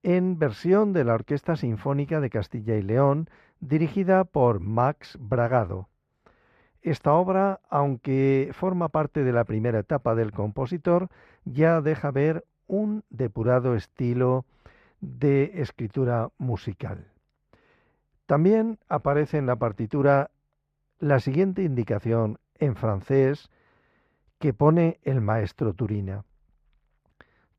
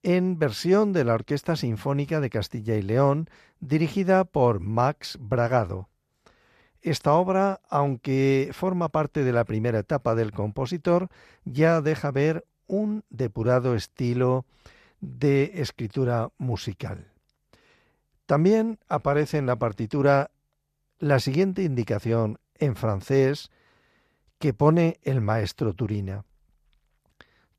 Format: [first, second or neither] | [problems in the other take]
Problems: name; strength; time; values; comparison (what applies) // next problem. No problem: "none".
second | muffled; slightly; fading above 3.5 kHz